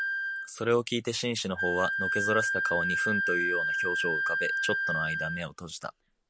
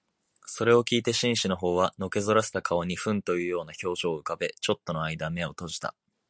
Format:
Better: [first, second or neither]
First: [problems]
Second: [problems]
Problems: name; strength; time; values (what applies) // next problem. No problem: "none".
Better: second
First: background sound (Wind instrument, woodwind instrument); 2 dB above the speech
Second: none